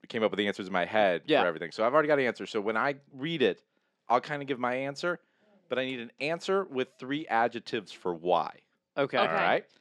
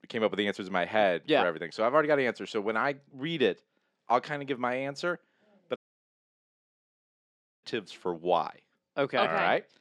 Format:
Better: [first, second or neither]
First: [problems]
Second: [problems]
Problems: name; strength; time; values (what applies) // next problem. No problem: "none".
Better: first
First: none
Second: audio cutting out; at 6 s for 2 s